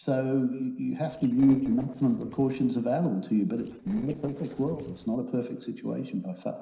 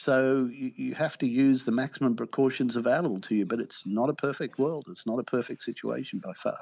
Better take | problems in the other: second | noise reduction (neural separator model SepFormer DNS4)

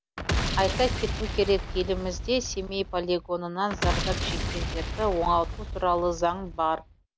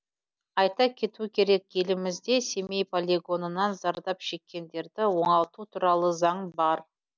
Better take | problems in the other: second | background sound (Boom); 3 dB below the speech

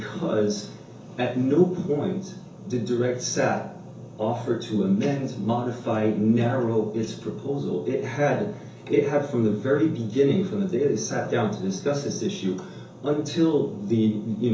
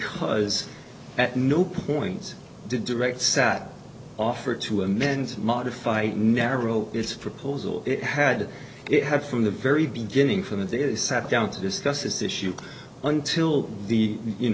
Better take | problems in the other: second | room echo; dies away in 0.7 s

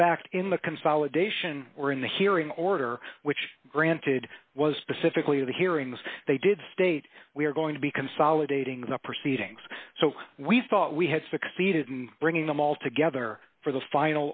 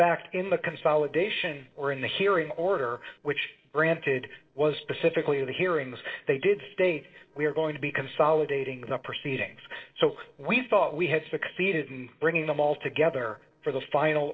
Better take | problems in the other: first | noise reduction (neural separator model SepFormer DNS4)

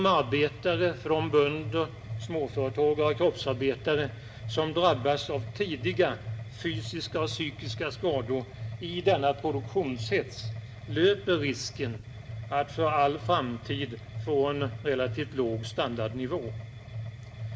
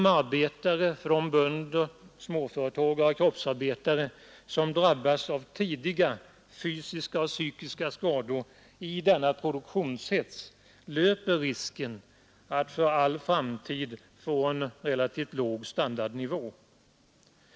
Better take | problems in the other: second | background sound (Mechanisms); 9 dB below the speech // room echo; dies away in 0.4 s

